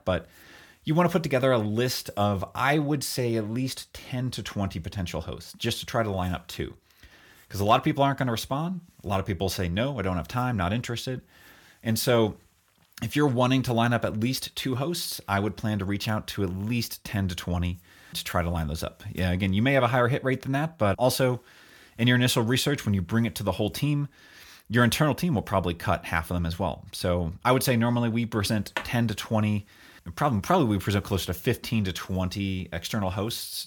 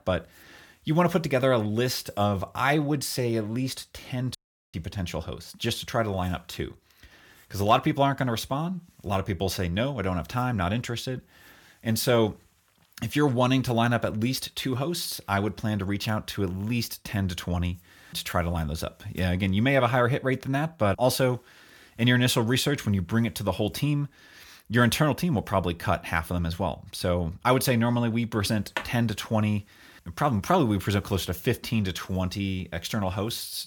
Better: first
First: none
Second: audio cutting out; at 4.5 s

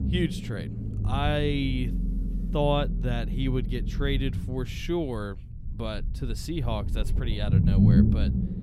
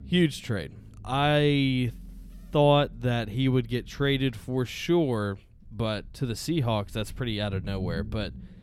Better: second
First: low rumble; loud; throughout; 5 dB below the speech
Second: low rumble; faint; throughout; 25 dB below the speech

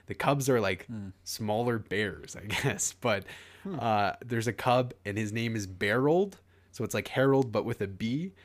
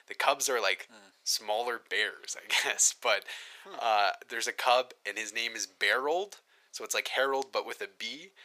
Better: first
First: none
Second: thin; very; fading below 550 Hz

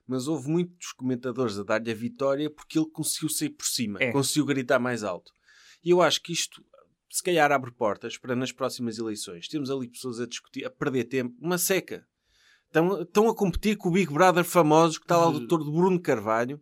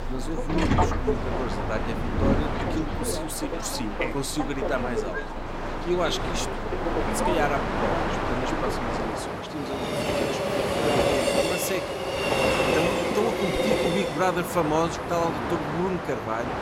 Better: first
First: none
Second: train or aircraft noise; very loud; throughout; 3 dB above the speech

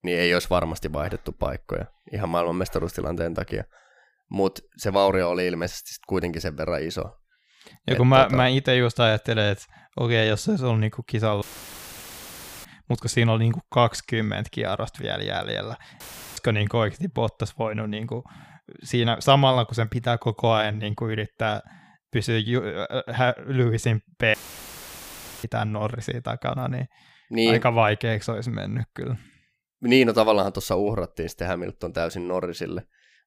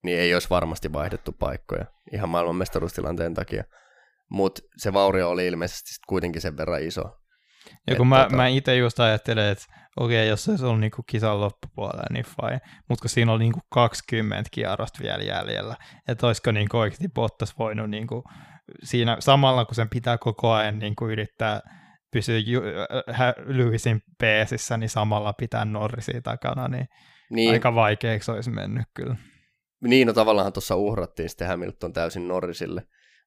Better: second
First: audio cutting out; filled with static; at 11 s for 1 s, at 16 s and at 24 s for 1 s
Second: none

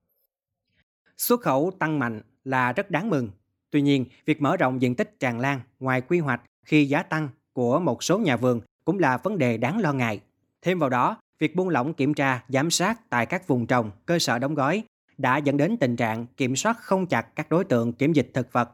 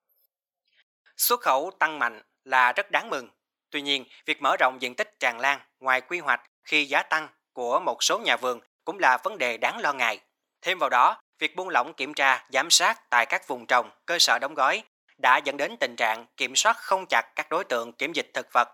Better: first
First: none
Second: thin; very; fading below 900 Hz

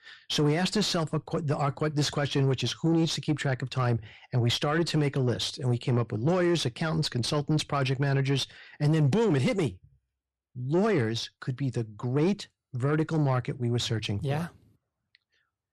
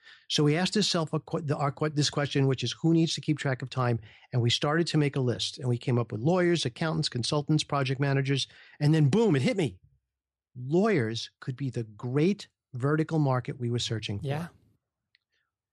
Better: second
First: distortion; slight; 10 dB below the speech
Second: none

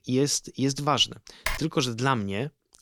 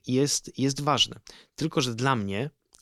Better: second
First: keyboard typing; noticeable; at 1.5 s; peak 6 dB below the speech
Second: none

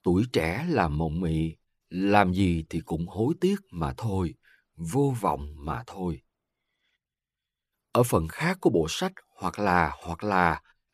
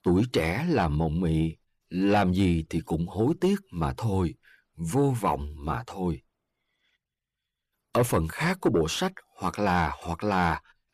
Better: first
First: none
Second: distortion; slight; 10 dB below the speech

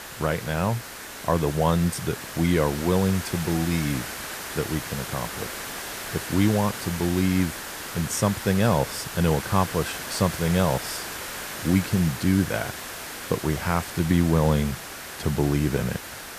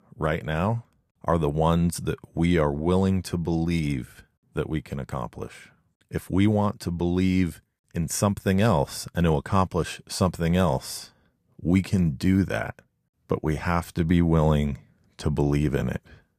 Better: second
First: hiss; loud; throughout; 8 dB below the speech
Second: none

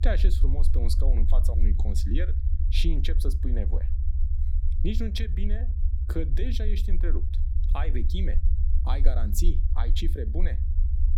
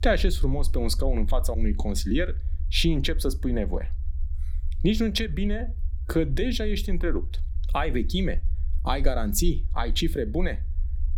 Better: second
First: low rumble; loud; throughout; 9 dB below the speech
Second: low rumble; faint; throughout; 25 dB below the speech

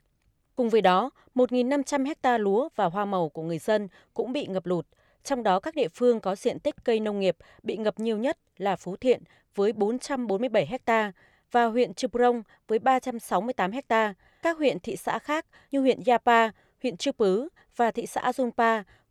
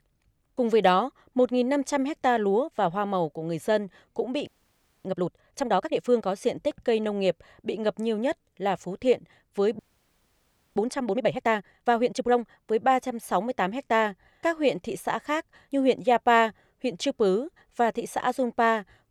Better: first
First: none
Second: audio freezing; at 4.5 s for 0.5 s and at 10 s for 1 s

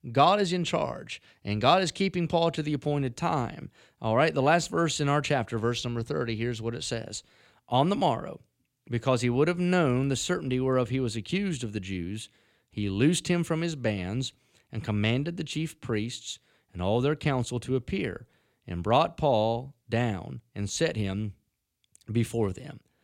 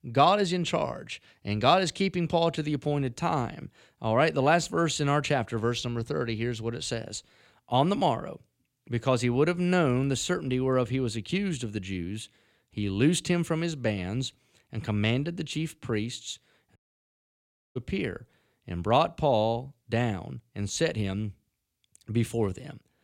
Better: first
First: none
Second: audio cutting out; at 17 s for 1 s

